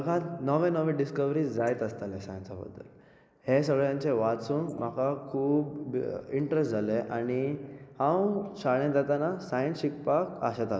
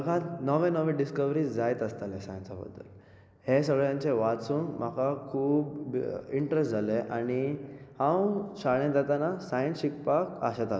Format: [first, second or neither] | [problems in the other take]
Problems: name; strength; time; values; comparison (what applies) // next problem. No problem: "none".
second | noise reduction (neural mask model Resemble Enhance denoiser)